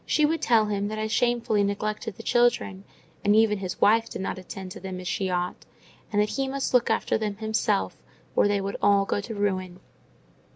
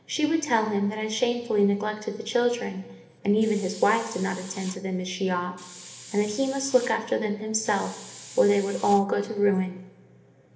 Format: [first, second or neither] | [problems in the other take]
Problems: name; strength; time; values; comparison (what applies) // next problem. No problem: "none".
first | background sound (Hiss); 17 dB below the speech // room echo; dies away in 1 s